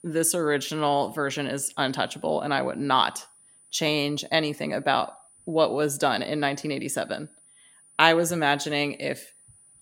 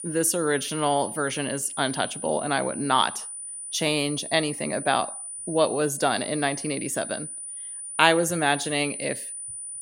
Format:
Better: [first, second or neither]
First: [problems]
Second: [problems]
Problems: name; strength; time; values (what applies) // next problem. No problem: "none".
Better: first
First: high-pitched whine; faint; throughout; 9.5 kHz, 30 dB below the speech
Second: high-pitched whine; loud; throughout; 9.5 kHz, 8 dB below the speech